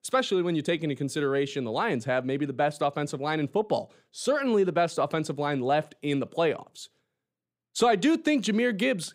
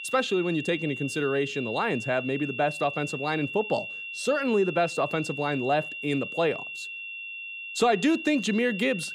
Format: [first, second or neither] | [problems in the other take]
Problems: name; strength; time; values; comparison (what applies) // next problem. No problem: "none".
first | high-pitched whine; loud; throughout; 2.5 kHz, 8 dB below the speech